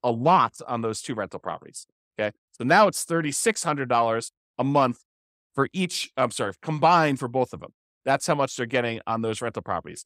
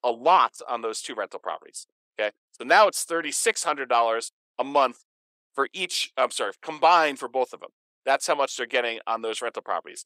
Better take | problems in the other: first | thin; somewhat; fading below 400 Hz

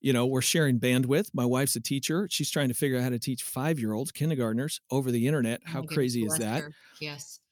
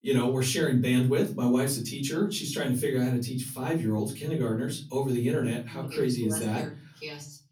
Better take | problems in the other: first | off-mic speech; far // room echo; very slight; dies away in 0.4 s

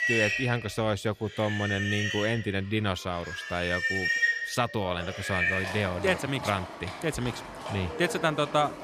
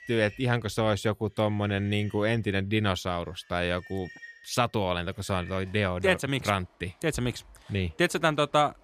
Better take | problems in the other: second | animal sounds; loud; throughout; 1 dB below the speech; faint in the second

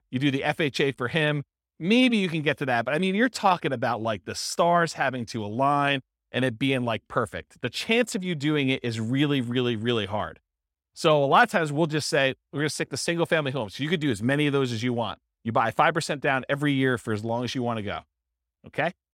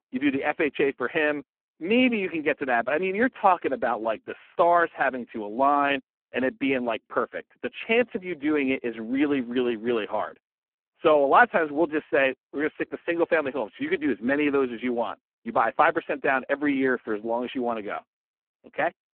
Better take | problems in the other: first | phone-call audio; poor line

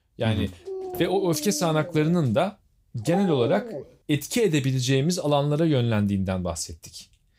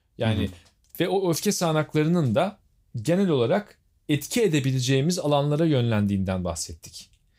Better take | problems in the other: second | dog barking; noticeable; from 0.5 to 4 s; peak 6 dB below the speech

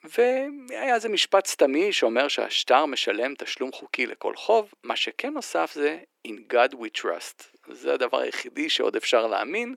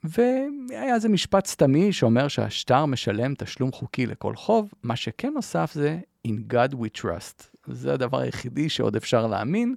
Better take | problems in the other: second | thin; somewhat; fading below 300 Hz

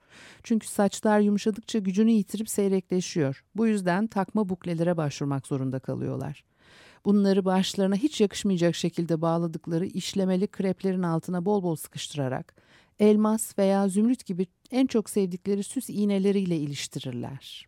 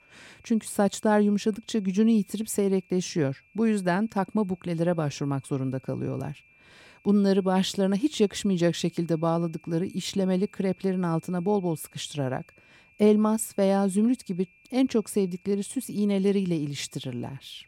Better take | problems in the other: first | high-pitched whine; faint; throughout; 2.5 kHz, 30 dB below the speech

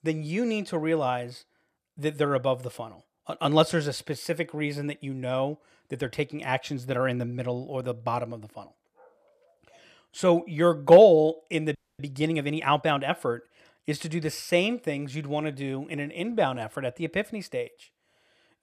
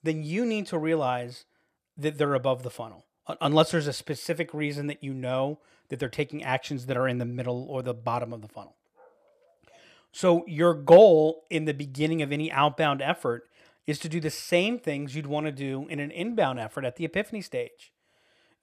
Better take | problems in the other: second | audio freezing; at 12 s

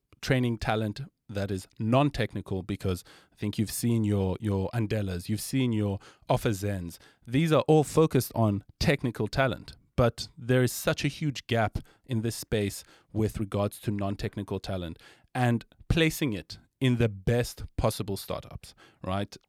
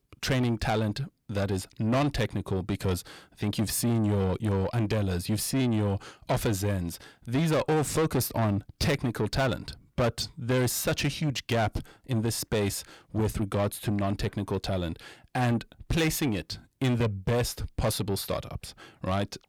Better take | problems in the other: first | distortion; heavy; 8 dB below the speech

